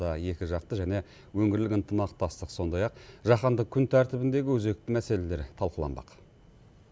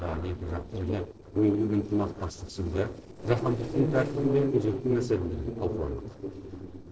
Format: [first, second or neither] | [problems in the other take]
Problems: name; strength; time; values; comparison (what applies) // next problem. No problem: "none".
first | noise reduction (neural separator model SepFormer DNS4)